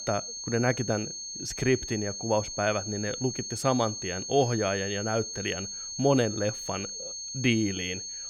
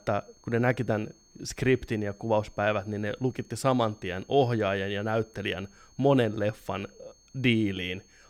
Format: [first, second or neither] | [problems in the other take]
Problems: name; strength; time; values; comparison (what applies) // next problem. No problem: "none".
second | high-pitched whine; loud; throughout; 6.5 kHz, 6 dB below the speech; faint in the second